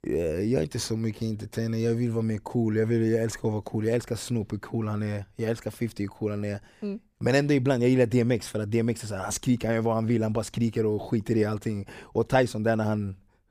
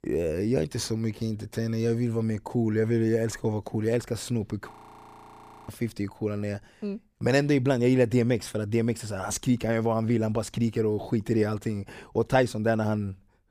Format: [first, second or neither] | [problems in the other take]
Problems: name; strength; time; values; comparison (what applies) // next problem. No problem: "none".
first | audio freezing; at 4.5 s for 1 s